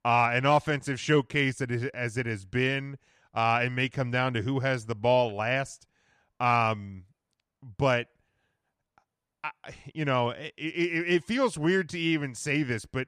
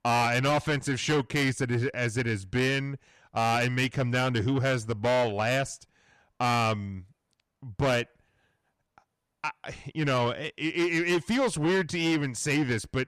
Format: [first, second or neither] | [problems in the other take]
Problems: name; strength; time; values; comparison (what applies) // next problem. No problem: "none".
first | distortion; heavy; 7 dB below the speech